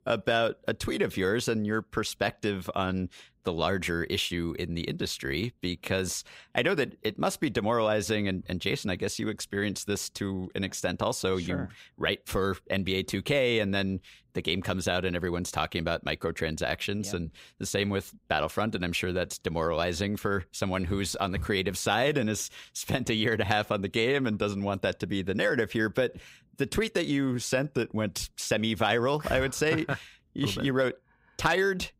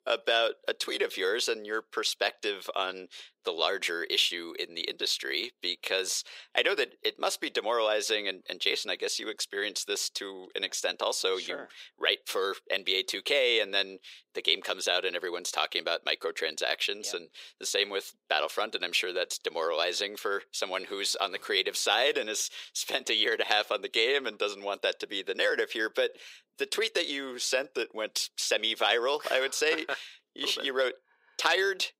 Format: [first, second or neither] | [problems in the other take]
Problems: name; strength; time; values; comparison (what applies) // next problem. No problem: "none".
first | thin; very; fading below 400 Hz